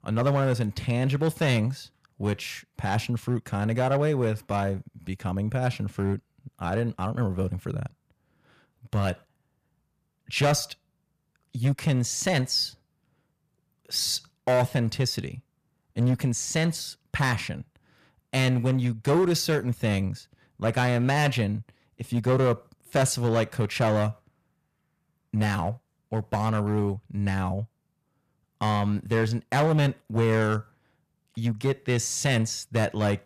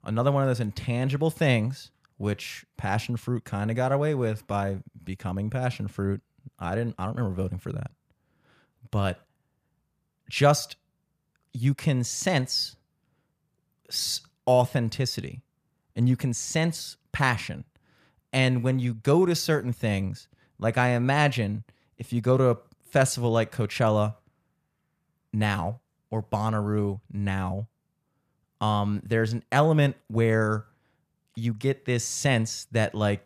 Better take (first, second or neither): second